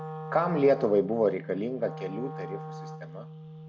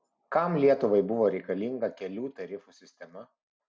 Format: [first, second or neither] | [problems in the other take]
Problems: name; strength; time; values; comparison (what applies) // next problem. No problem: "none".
second | background sound (Wind instrument, woodwind instrument); 11 dB below the speech